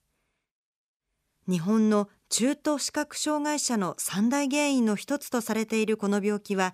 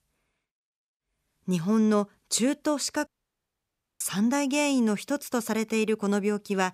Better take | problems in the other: first | audio cutting out; at 3 s for 1 s

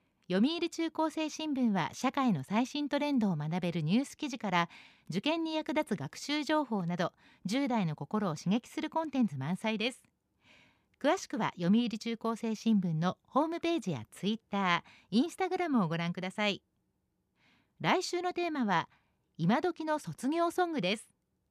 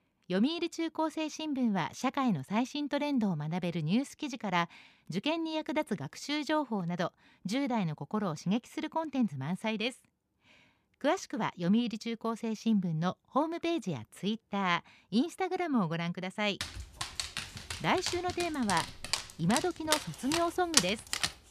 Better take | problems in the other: first | dog barking; loud; from 17 s on; peak 5 dB above the speech

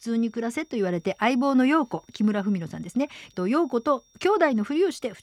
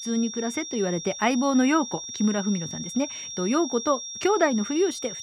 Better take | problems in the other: first | high-pitched whine; loud; throughout; 5.5 kHz, 8 dB below the speech; faint in the first

